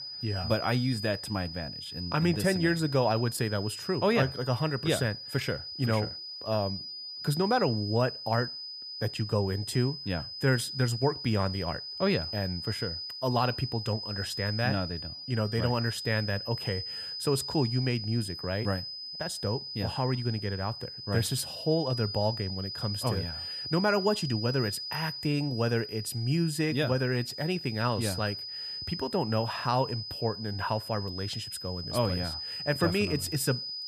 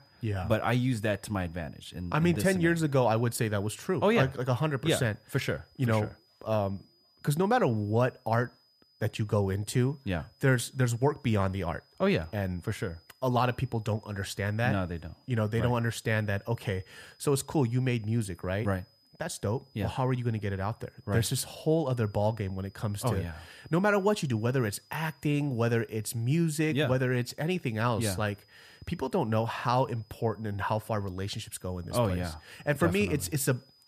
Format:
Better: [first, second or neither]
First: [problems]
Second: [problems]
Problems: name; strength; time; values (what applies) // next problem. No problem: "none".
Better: second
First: high-pitched whine; loud; throughout; 5 kHz, 6 dB below the speech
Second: high-pitched whine; faint; throughout; 5 kHz, 30 dB below the speech